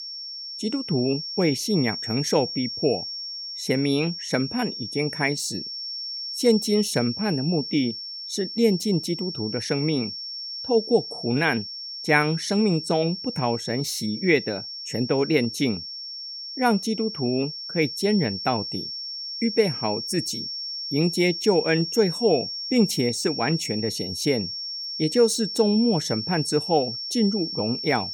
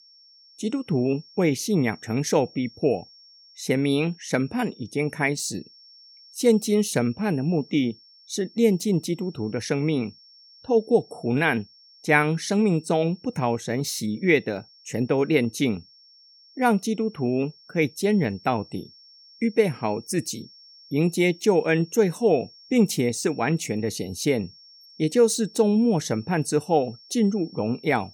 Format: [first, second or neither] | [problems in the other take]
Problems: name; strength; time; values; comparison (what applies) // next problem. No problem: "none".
second | high-pitched whine; loud; throughout; 5.5 kHz, 6 dB below the speech; faint in the second